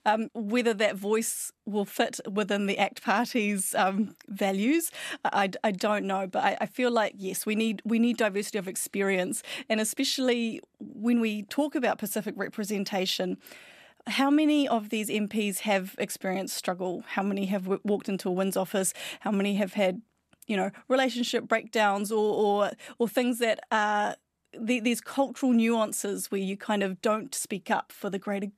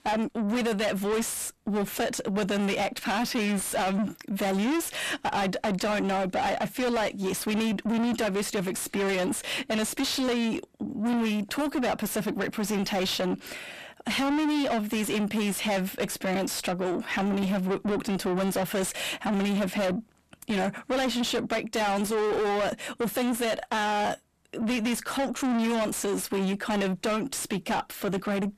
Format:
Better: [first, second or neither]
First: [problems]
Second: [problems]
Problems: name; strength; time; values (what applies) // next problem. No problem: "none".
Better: first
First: none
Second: distortion; heavy; 6 dB below the speech